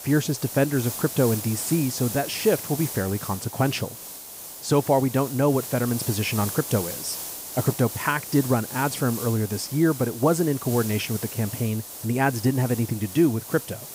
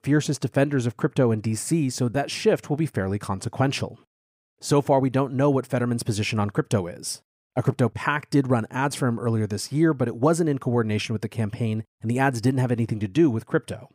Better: second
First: hiss; loud; throughout; 8 dB below the speech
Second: none

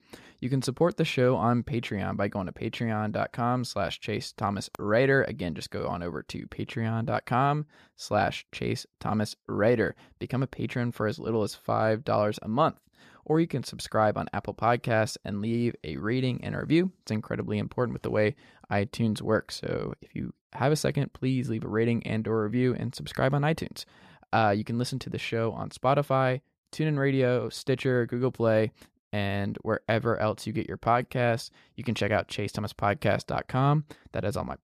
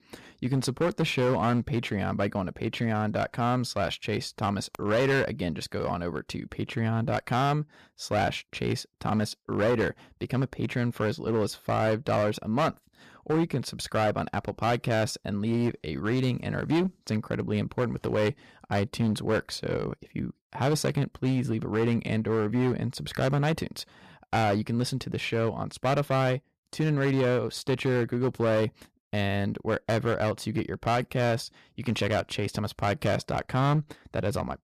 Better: first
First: none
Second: distortion; slight; 8% of the sound clipped

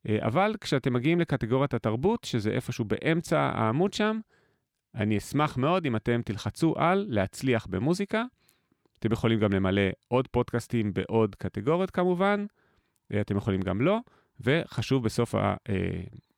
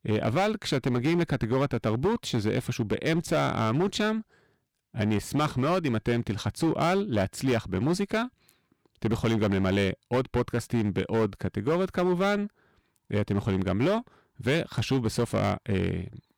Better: first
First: none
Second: distortion; slight; 10% of the sound clipped

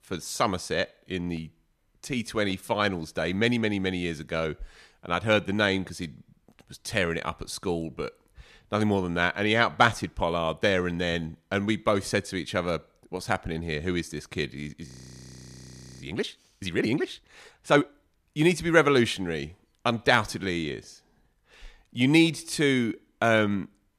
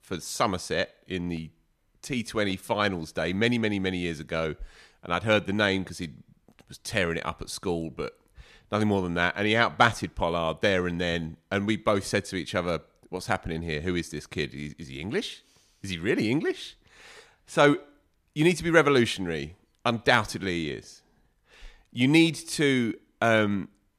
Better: second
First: audio freezing; at 15 s for 1 s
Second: none

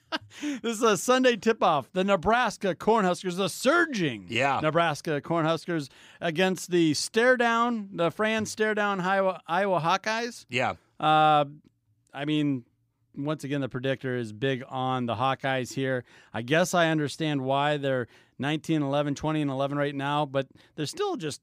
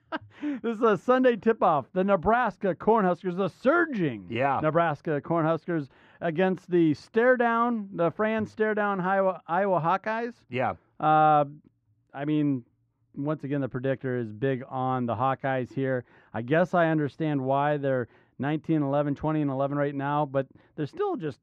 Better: first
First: none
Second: muffled; very; fading above 3.5 kHz

